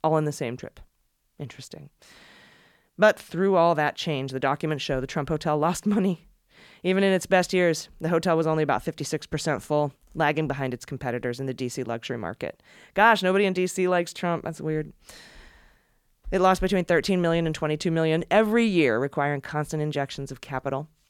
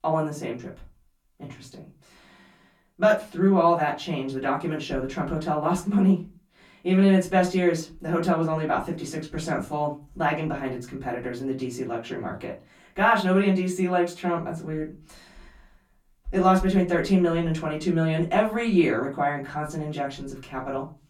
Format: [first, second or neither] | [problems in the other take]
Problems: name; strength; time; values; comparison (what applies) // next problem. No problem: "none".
first | off-mic speech; far // room echo; very slight; dies away in 0.2 s